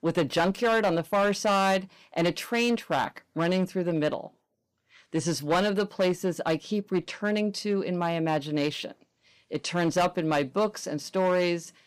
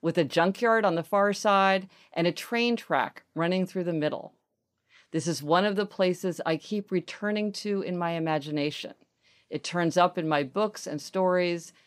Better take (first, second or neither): second